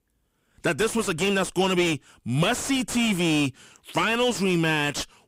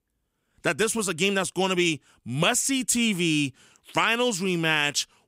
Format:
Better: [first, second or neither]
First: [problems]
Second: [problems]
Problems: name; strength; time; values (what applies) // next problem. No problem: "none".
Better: second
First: distortion; heavy; 6 dB below the speech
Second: none